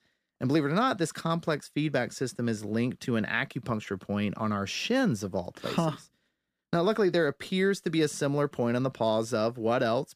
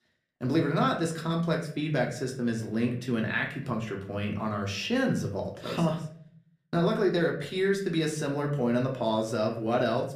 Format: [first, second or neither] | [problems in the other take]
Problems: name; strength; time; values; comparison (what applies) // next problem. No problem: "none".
first | room echo; slight; dies away in 0.5 s // off-mic speech; somewhat distant